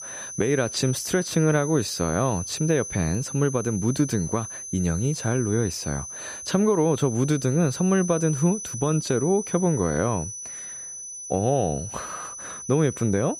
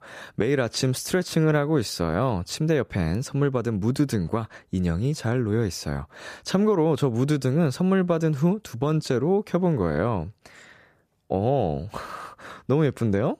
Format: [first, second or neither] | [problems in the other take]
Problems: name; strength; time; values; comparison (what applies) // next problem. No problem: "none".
second | high-pitched whine; loud; throughout; 6 kHz, 9 dB below the speech